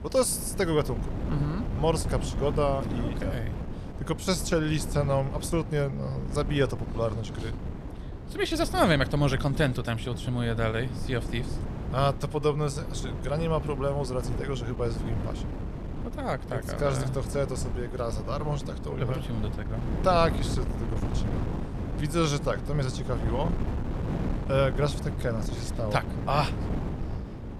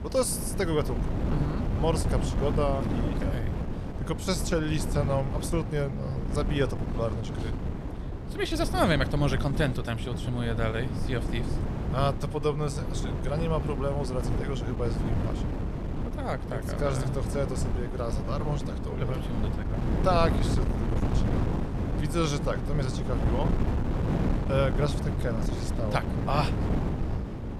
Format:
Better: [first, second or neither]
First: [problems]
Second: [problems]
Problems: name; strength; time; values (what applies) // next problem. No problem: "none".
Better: first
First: wind noise on the microphone; occasional gusts; 10 dB below the speech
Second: wind noise on the microphone; heavy; 6 dB below the speech